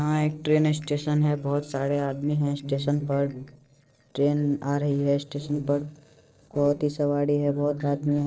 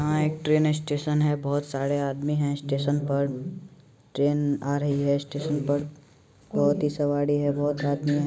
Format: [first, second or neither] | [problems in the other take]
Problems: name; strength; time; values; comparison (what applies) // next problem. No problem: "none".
second | noise reduction (neural separator model SepFormer DNS4)